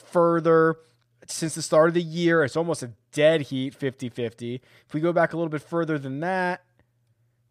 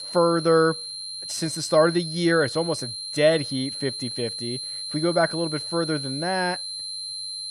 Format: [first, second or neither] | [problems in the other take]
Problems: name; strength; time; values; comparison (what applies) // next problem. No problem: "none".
first | high-pitched whine; loud; throughout; 4 kHz, 7 dB below the speech